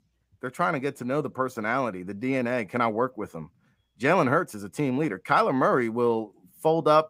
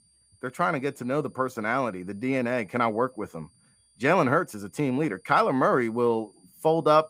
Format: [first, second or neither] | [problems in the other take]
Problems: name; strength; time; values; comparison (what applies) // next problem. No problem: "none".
first | high-pitched whine; faint; throughout; 9 kHz, 35 dB below the speech